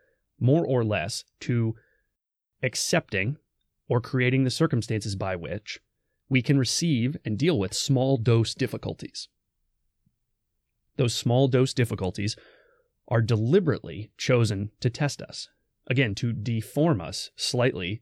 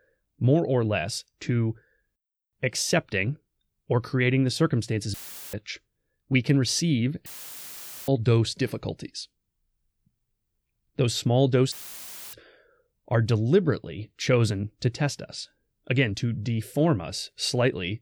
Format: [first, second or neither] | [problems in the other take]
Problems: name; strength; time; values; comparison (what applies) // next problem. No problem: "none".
first | audio cutting out; filled with static; at 5 s, at 7.5 s for 1 s and at 12 s for 0.5 s